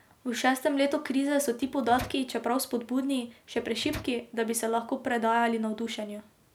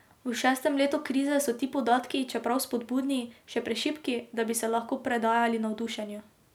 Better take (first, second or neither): second